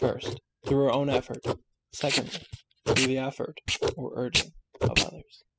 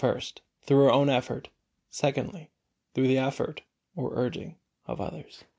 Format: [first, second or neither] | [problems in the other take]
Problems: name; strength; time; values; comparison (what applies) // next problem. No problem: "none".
second | noise reduction (classical method spectral subtraction)